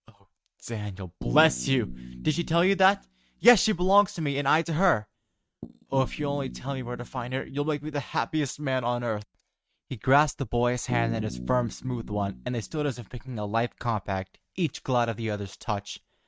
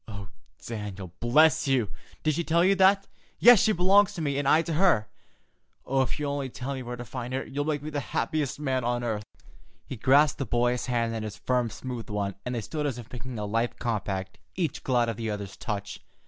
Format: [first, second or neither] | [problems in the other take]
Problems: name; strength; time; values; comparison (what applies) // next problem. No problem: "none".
second | noise reduction (neural mask model RNNoise)